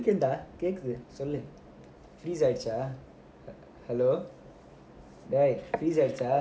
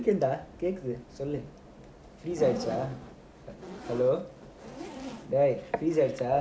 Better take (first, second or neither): first